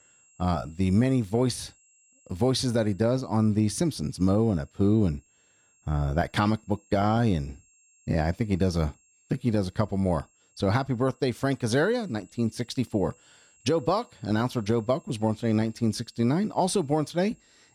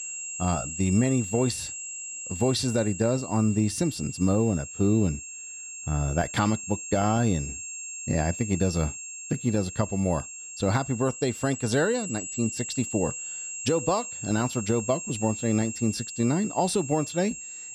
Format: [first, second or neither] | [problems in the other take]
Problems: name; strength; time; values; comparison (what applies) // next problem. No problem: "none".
first | high-pitched whine; loud; throughout; 7.5 kHz, 8 dB below the speech; faint in the first